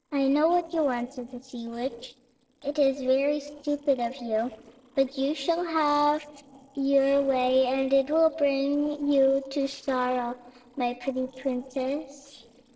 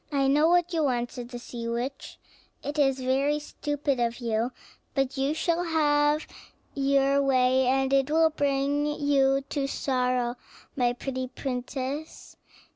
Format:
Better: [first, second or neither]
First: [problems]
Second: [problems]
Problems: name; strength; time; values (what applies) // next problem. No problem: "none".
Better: second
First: noise reduction (neural separator model SepFormer DNS4)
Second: none